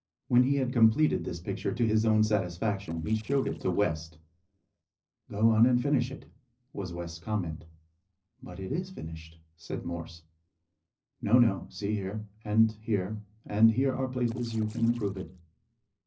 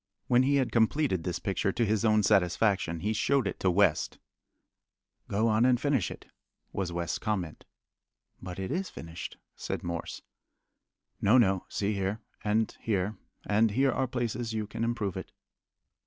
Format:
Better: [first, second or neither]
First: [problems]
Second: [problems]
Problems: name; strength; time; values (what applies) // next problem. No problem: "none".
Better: second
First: noise reduction (neural separator model SepFormer DNS4)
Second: none